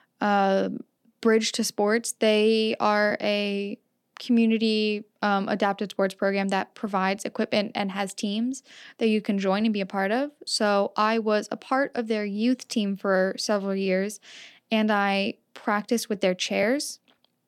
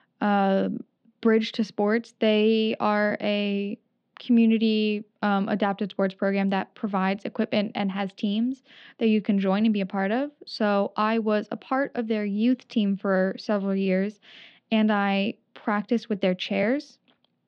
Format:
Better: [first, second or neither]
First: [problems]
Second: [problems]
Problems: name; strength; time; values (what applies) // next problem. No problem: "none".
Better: first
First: none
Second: muffled; slightly; fading above 3.5 kHz